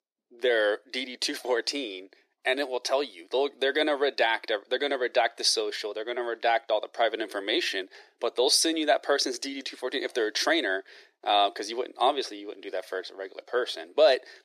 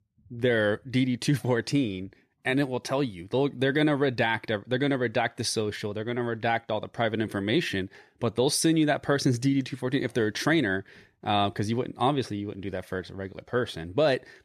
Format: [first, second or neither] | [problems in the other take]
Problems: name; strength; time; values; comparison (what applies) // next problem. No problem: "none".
second | thin; very; fading below 350 Hz